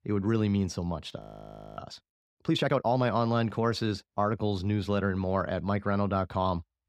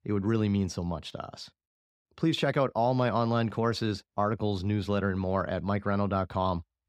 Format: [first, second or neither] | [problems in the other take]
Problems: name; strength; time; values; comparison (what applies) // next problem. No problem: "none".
second | audio freezing; at 1 s for 0.5 s